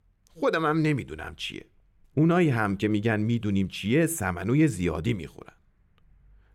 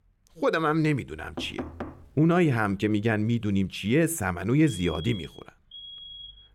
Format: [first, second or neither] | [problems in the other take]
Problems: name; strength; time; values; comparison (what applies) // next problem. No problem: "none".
first | door banging; faint; at 1.5 s; peak 10 dB below the speech // alarm; faint; from 4.5 s on; peak 15 dB below the speech